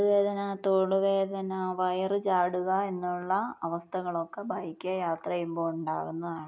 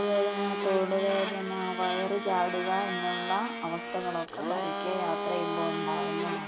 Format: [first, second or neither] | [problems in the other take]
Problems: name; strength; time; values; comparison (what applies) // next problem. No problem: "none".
first | background sound (Domestic sounds, home sounds); 3 dB below the speech